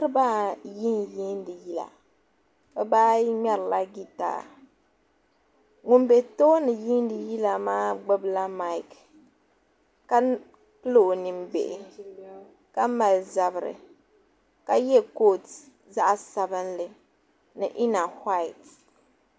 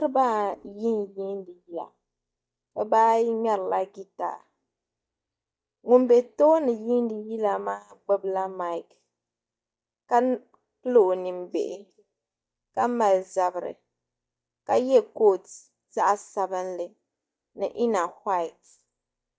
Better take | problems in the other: first | noise reduction (neural mask model DeepFilterNet 3)

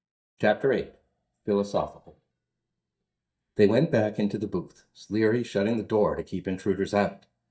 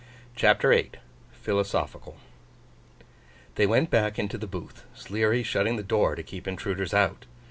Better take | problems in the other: second | noise reduction (neural mask model DeepFilterNet 3)

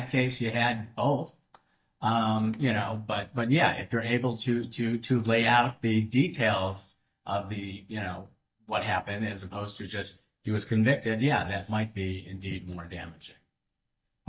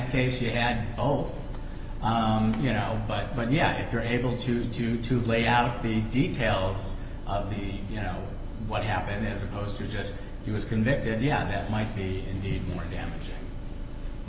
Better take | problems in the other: second | noise reduction (neural mask model DeepFilterNet 3)

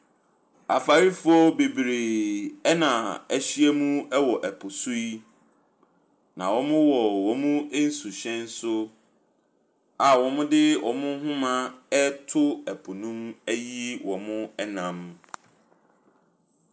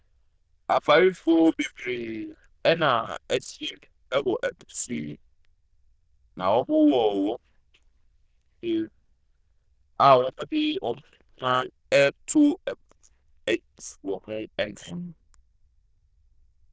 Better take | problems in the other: first | noise reduction (neural diffusion model UNIVERSE++)

